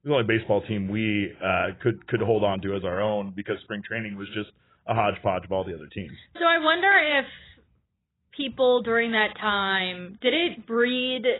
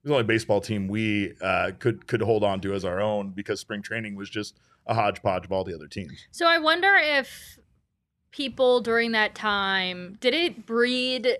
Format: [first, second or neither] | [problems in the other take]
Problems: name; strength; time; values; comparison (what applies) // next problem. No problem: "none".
second | garbled, watery; badly; nothing above 4 kHz